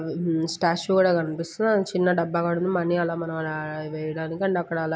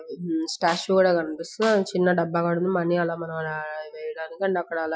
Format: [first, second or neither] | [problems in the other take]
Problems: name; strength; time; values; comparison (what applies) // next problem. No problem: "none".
first | noise reduction (classical method Wiener filter)